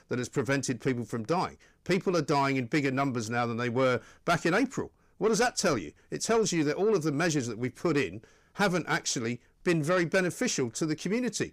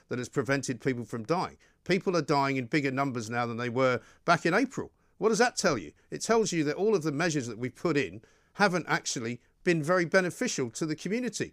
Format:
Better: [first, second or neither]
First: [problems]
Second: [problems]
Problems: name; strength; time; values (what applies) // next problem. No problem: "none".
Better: second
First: distortion; slight; 10 dB below the speech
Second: none